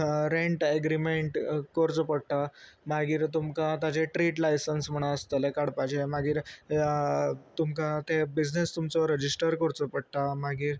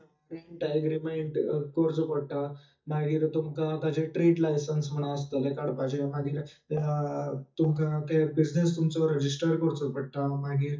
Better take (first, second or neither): first